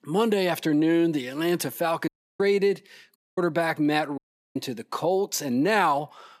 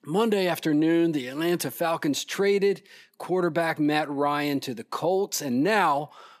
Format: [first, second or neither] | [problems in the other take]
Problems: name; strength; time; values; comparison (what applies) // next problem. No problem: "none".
second | audio cutting out; at 2 s, at 3 s and at 4 s